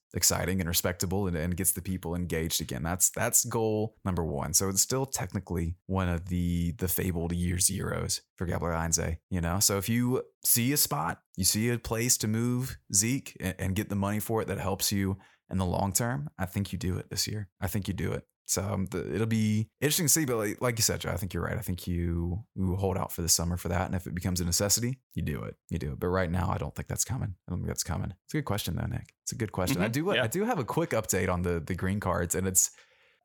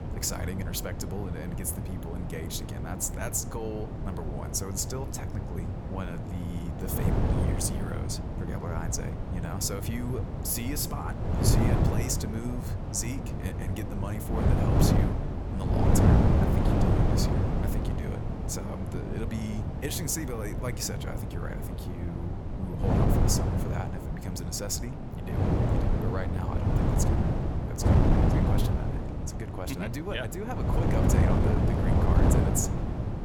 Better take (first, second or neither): first